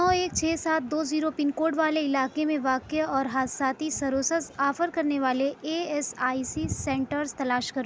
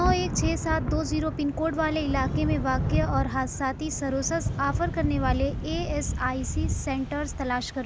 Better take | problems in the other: first | background sound (Thunder / Rain); 1 dB below the speech

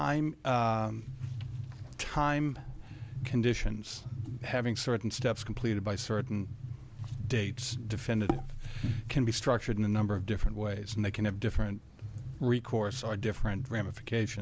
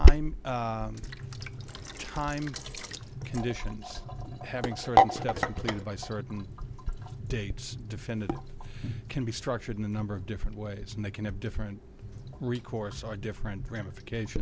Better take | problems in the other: first | background sound (Sink (filling or washing)); 5 dB above the speech

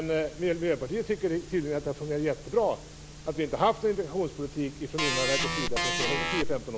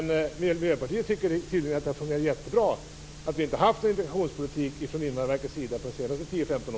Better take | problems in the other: second | background sound (Organ); 1 dB above the speech

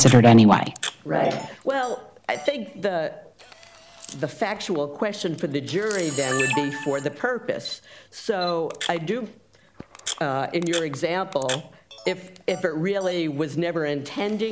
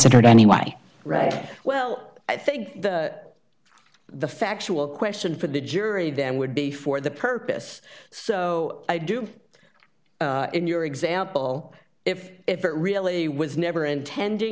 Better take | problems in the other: second | background sound (Camera); 13 dB below the speech

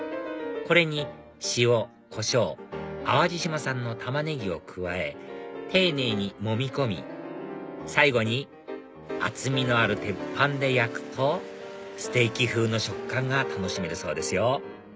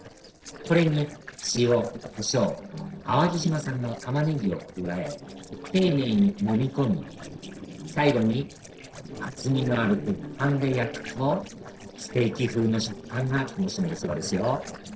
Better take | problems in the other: first | noise reduction (neural separator model SepFormer DNS4)

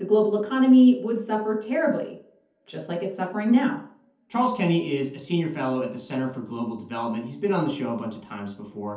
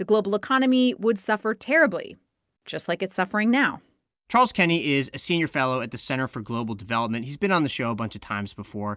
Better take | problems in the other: second | room echo; dies away in 0.5 s

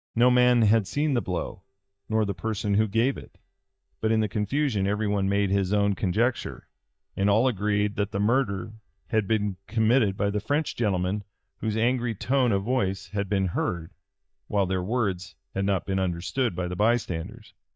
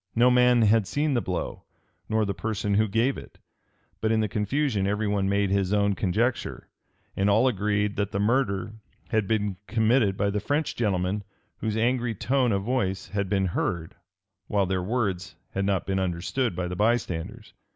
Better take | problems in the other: second | noise reduction (neural mask model DeepFilterNet 3)

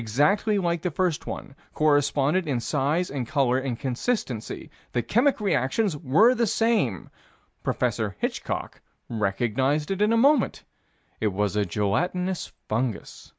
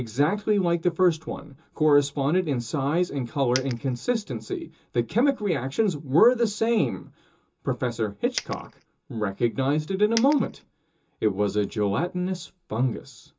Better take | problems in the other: first | background sound (Coin (dropping)); 12 dB below the speech // room echo; dies away in 0.2 s

